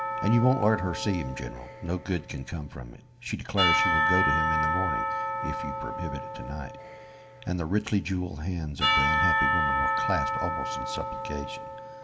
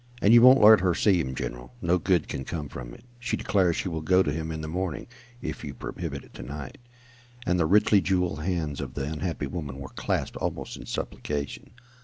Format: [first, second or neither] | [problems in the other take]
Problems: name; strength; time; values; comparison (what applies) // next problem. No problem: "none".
second | background sound (Church bell / Percussion); 1 dB above the speech // room echo; dies away in 0.4 s